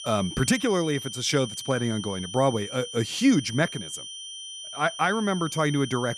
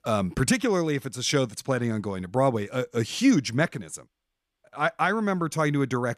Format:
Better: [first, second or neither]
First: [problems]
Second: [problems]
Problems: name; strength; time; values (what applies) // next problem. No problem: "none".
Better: second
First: high-pitched whine; noticeable; throughout; 3 kHz, 10 dB below the speech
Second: none